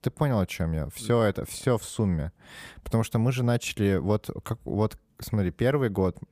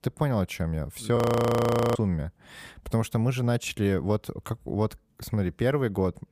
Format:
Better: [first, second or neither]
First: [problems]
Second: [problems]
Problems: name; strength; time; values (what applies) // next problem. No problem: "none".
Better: first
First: none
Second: audio freezing; at 1 s for 1 s